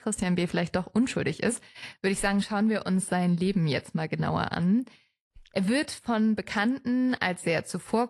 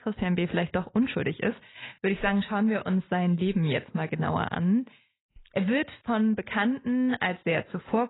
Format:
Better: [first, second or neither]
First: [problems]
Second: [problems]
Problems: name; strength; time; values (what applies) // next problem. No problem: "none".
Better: first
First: garbled, watery; slightly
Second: garbled, watery; badly; nothing above 4 kHz